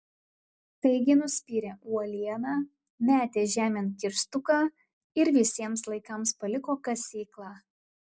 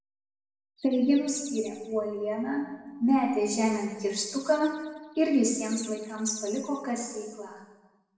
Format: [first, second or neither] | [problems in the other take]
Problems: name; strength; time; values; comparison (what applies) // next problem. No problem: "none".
first | noise reduction (neural separator model SepFormer DNS4)